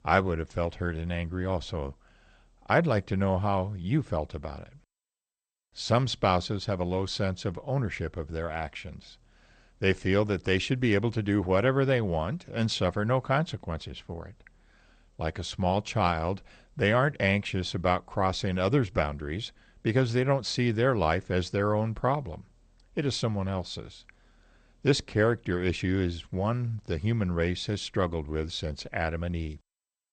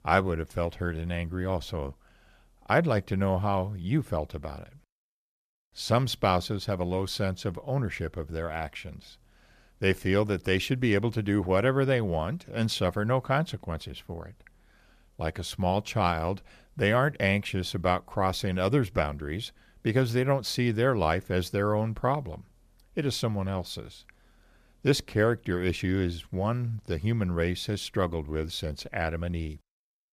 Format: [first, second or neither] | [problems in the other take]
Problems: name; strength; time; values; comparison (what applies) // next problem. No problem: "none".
second | garbled, watery; slightly; nothing above 8.5 kHz